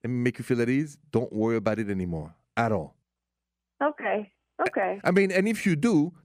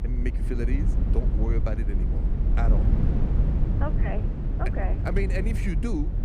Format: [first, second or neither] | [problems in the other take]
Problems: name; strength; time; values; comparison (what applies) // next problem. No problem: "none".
first | low rumble; loud; throughout; 4 dB below the speech